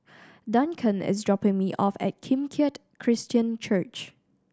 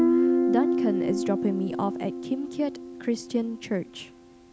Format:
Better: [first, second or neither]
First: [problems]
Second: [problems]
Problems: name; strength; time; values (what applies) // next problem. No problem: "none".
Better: first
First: none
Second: background sound (Guitar); 3 dB above the speech